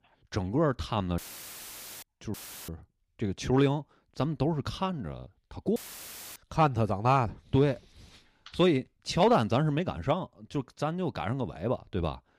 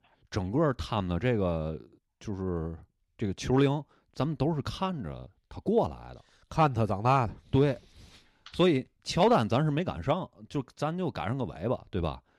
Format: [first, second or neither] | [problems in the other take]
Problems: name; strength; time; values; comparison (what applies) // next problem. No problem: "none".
second | audio cutting out; filled with static; at 1 s for 1 s, at 2.5 s and at 6 s for 0.5 s